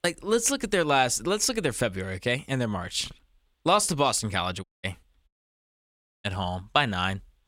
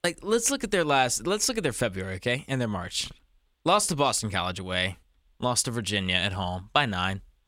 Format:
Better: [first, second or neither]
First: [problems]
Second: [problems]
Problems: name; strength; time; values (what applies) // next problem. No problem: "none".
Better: second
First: audio cutting out; at 4.5 s and at 5.5 s for 1 s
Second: none